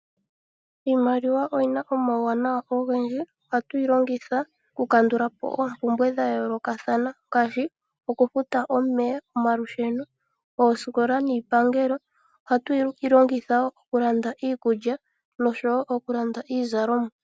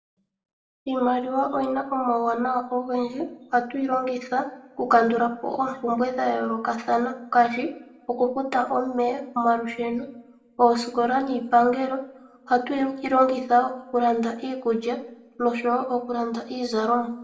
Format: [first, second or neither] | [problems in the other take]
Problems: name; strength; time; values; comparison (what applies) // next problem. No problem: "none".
first | room echo; dies away in 0.5 s